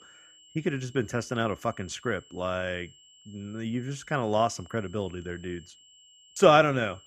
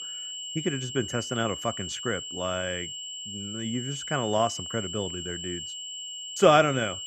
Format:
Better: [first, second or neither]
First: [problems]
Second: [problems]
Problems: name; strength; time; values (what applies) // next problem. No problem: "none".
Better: first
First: high-pitched whine; faint; throughout; 3 kHz, 25 dB below the speech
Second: high-pitched whine; loud; throughout; 3 kHz, 7 dB below the speech